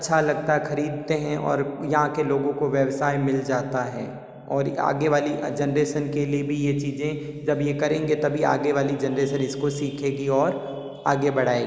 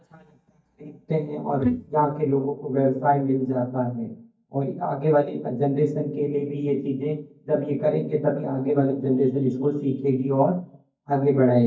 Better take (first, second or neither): first